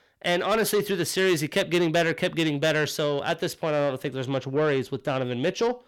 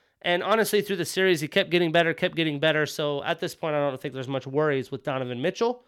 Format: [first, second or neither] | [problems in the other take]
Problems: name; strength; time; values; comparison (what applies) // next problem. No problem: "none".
second | distortion; slight; 10 dB below the speech